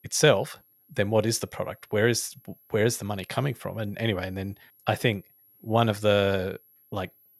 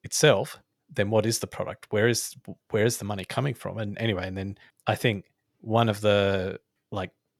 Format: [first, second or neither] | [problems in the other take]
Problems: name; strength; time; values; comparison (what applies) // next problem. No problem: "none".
second | high-pitched whine; faint; throughout; 11.5 kHz, 30 dB below the speech